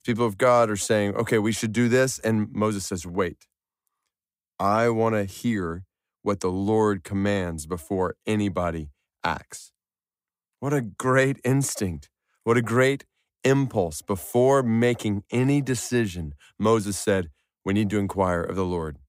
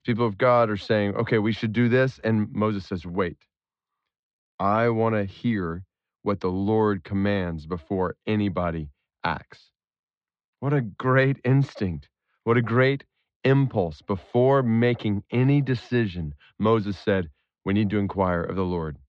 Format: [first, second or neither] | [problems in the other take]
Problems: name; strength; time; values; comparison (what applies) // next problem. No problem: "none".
first | muffled; slightly; fading above 4 kHz